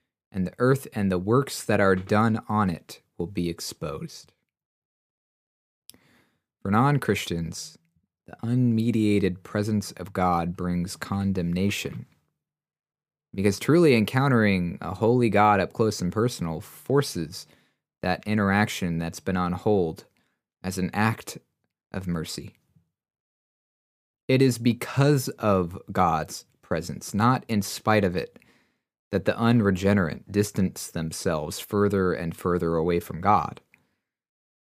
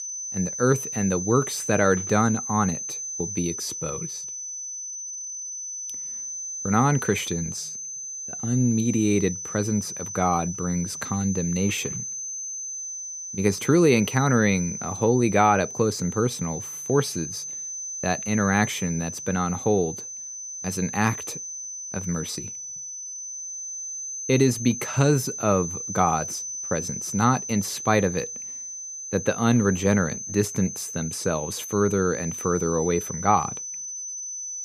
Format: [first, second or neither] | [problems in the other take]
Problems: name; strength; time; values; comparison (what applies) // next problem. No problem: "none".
first | high-pitched whine; loud; throughout; 6 kHz, 7 dB below the speech